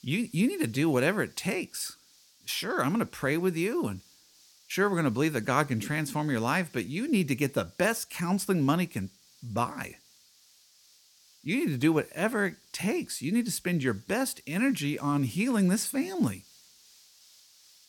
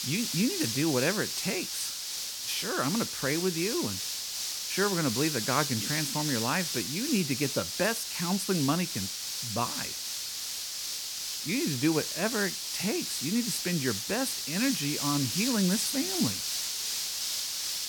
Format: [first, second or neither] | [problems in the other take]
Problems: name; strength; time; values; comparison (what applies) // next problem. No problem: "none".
first | hiss; loud; throughout; 1 dB below the speech; faint in the first